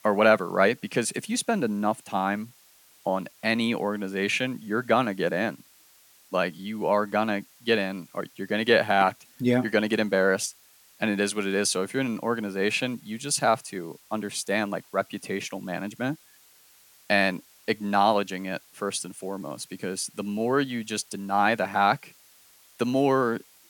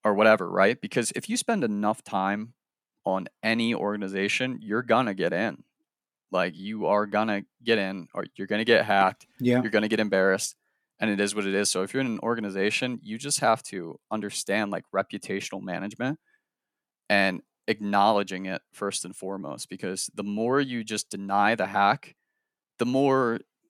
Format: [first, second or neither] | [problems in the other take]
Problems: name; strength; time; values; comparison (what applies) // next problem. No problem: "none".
second | hiss; faint; throughout; 25 dB below the speech